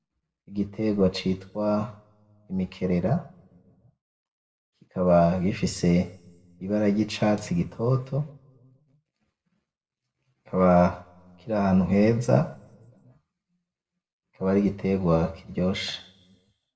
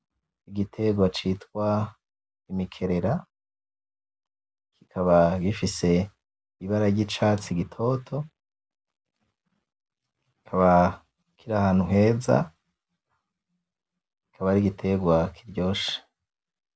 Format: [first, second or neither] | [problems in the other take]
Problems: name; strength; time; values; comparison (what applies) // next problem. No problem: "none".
second | room echo; dies away in 0.6 s